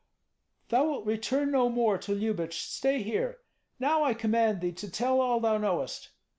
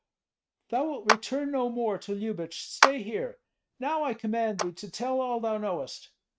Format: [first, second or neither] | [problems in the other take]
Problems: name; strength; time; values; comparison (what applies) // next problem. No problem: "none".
first | noise reduction (neural mask model RNNoise)